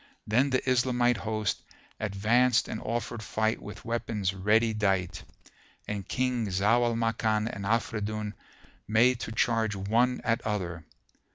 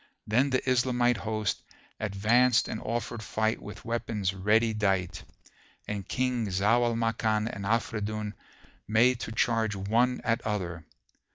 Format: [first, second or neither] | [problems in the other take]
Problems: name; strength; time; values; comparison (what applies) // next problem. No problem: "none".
first | noise reduction (neural mask model DeepFilterNet 3)